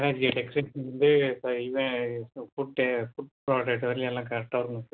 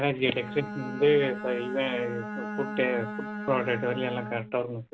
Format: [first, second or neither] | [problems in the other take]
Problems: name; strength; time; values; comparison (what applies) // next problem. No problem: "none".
first | background sound (Bowed string instrument); 8 dB below the speech